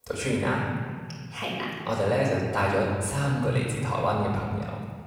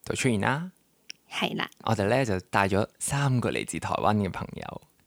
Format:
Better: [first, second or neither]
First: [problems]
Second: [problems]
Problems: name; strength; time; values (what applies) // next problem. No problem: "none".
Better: second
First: off-mic speech; far // room echo; noticeable; dies away in 1.9 s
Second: none